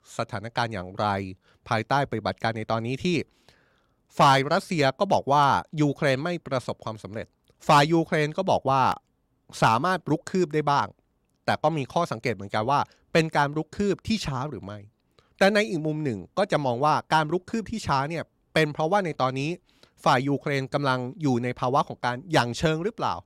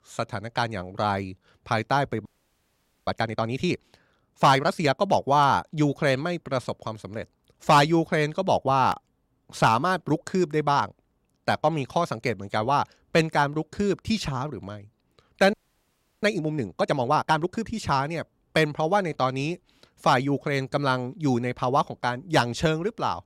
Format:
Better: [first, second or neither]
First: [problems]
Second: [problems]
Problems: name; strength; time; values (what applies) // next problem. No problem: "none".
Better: first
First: none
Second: audio freezing; at 2.5 s for 1 s and at 16 s for 0.5 s